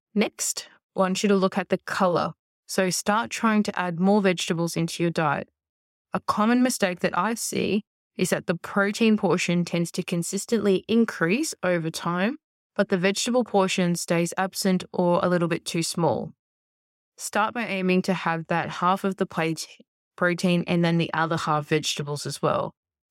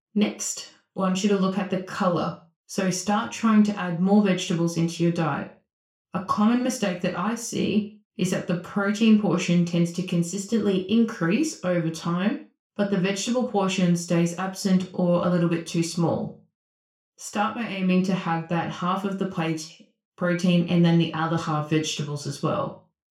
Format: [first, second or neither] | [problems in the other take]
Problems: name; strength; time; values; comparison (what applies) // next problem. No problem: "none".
first | room echo; slight; dies away in 0.3 s // off-mic speech; somewhat distant